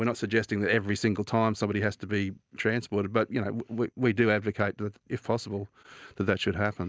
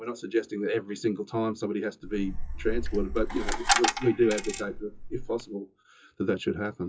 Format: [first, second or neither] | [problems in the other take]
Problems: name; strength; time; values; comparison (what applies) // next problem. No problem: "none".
first | noise reduction (classical method WPE with log-MMSE)